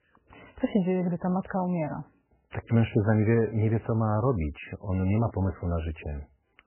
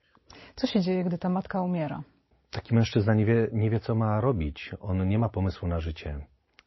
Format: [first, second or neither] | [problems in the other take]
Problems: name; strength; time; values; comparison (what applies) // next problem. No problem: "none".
second | garbled, watery; badly; nothing above 3 kHz; slightly in the second